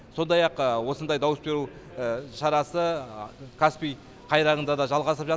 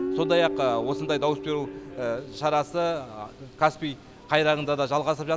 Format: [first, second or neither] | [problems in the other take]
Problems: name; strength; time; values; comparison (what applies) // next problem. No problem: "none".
first | background sound (Guitar); 9 dB below the speech